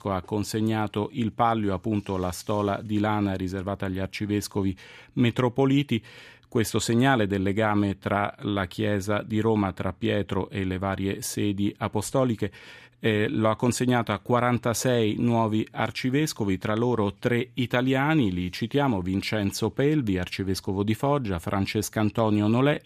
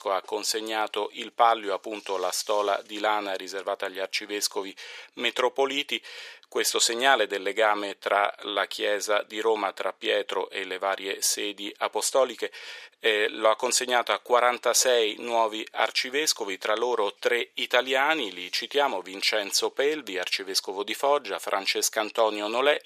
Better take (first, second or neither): first